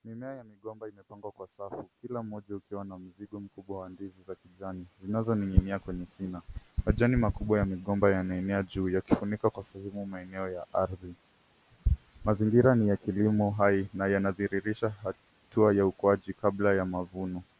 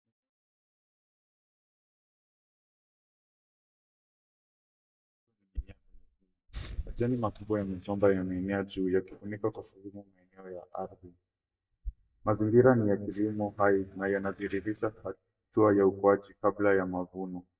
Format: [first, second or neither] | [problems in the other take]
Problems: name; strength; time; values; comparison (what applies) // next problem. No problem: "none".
first | noise reduction (neural mask model DeepFilterNet 3)